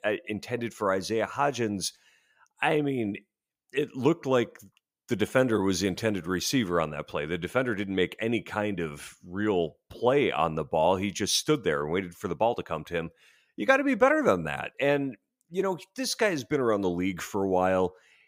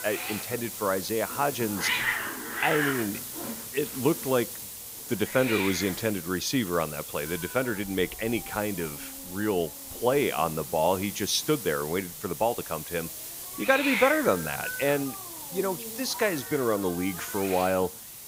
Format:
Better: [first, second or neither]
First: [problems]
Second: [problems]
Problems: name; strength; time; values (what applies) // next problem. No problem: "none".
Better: first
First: none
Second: hiss; loud; throughout; 5 dB below the speech